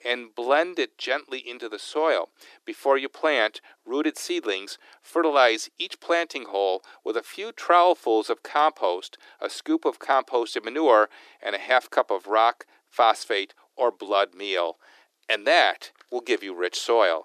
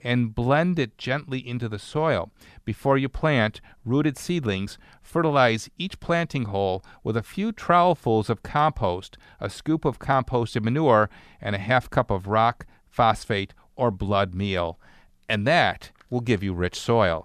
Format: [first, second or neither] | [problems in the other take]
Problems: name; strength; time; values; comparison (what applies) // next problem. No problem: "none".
second | thin; very; fading below 300 Hz